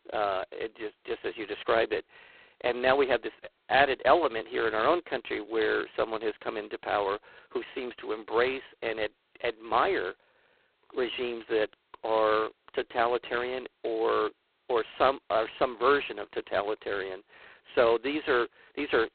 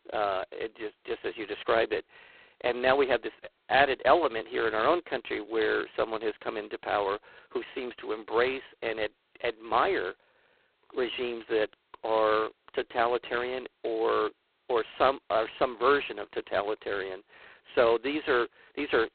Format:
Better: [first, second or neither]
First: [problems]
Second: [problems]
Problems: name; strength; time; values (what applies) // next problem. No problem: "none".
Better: neither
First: phone-call audio; poor line; nothing above 4 kHz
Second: phone-call audio; poor line; nothing above 4 kHz